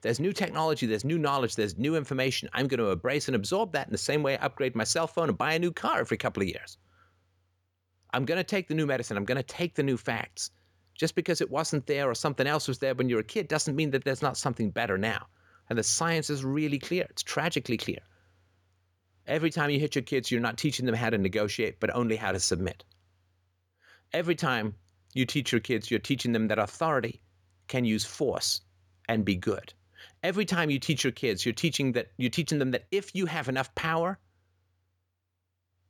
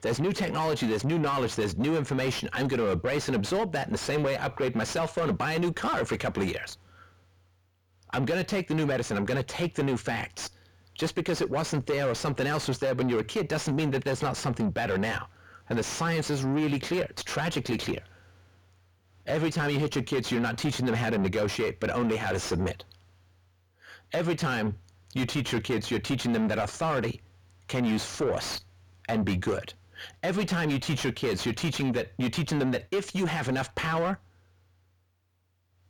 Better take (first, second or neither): first